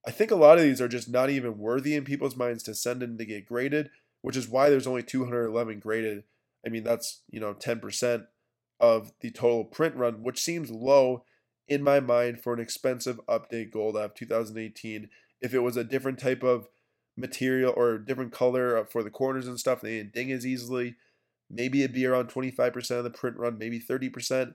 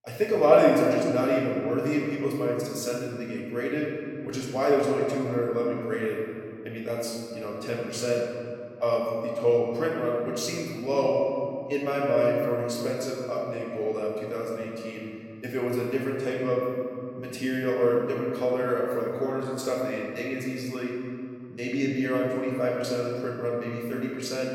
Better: first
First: none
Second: room echo; noticeable; dies away in 2.4 s // off-mic speech; far

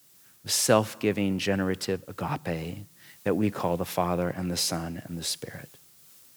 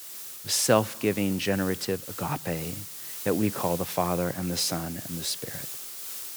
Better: first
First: hiss; faint; throughout; 25 dB below the speech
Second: hiss; loud; throughout; 7 dB below the speech

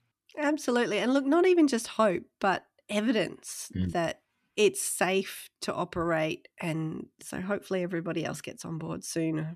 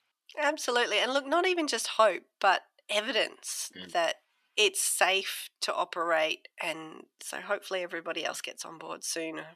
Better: first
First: none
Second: thin; very; fading below 700 Hz

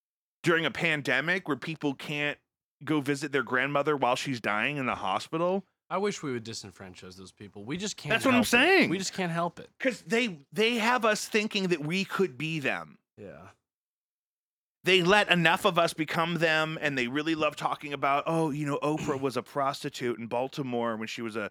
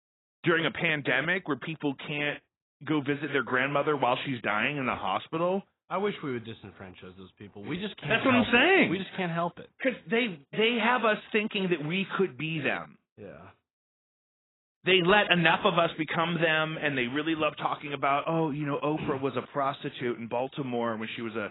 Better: first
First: none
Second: garbled, watery; badly; nothing above 4 kHz

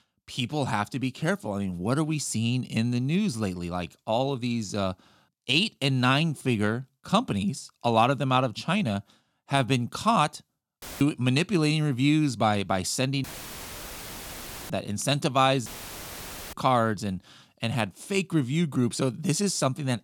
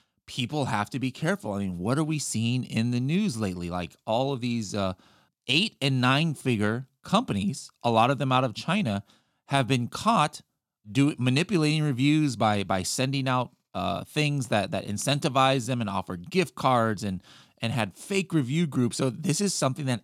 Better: second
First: audio cutting out; filled with static; at 11 s, at 13 s for 1.5 s and at 16 s for 1 s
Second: none

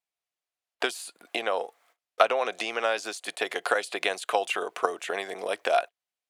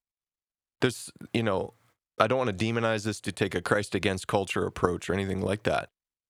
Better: second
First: thin; very; fading below 500 Hz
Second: none

